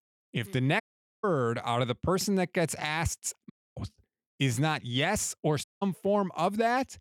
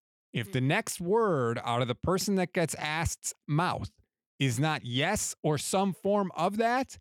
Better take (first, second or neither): second